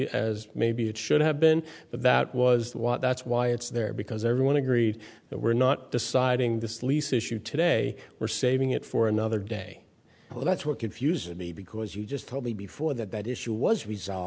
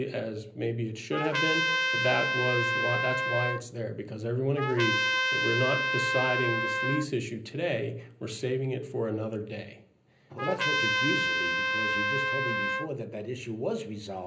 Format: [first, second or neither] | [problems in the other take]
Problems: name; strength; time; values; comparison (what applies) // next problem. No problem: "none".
first | background sound (Trumpet); 3 dB above the speech // room echo; dies away in 0.5 s